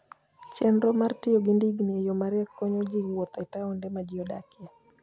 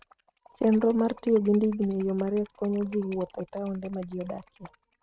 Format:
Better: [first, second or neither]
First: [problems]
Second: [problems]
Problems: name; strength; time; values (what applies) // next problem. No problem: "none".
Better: first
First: none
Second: noise reduction (neural mask model RNNoise)